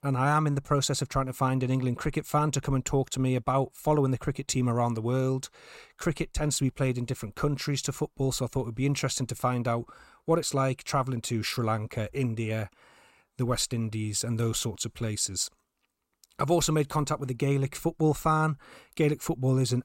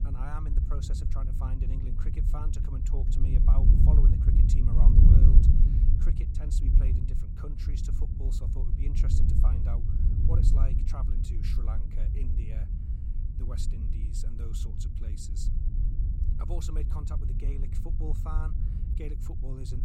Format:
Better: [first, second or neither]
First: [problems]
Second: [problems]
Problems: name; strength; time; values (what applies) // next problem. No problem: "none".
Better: first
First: none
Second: wind noise on the microphone; heavy; 2 dB above the speech